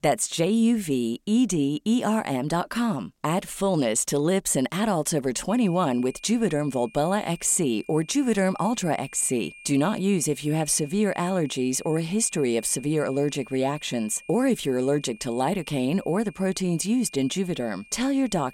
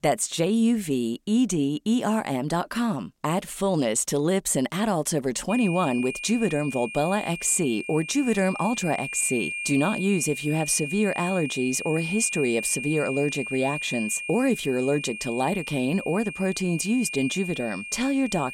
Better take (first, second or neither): first